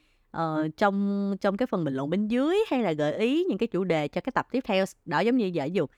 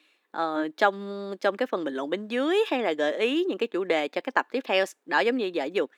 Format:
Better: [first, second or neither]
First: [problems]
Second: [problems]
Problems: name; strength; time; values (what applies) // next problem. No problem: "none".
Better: first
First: none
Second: thin; somewhat; fading below 300 Hz